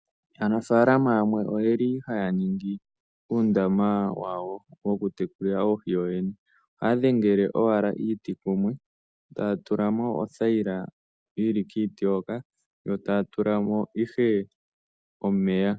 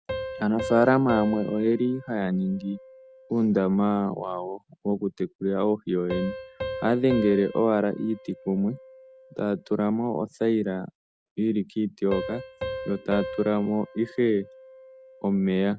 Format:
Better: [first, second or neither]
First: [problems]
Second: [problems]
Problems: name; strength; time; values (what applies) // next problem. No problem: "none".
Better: first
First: none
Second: background sound (Piano); 13 dB below the speech